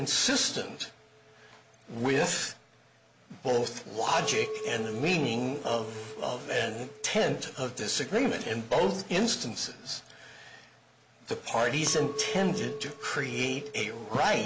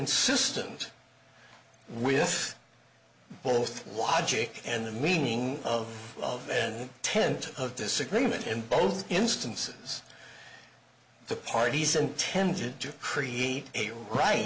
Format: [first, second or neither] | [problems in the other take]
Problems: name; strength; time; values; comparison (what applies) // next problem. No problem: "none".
second | background sound (Chink, clink); 13 dB below the speech